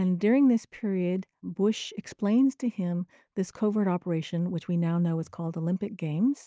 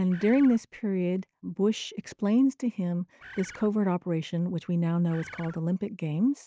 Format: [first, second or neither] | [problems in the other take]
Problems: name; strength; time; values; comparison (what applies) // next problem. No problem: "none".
first | background sound (Bird); 18 dB below the speech